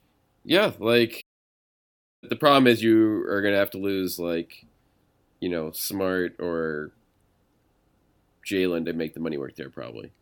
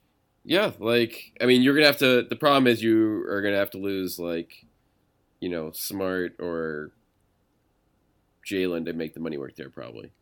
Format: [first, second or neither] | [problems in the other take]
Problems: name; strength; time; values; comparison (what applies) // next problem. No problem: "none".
second | audio cutting out; at 1 s for 1 s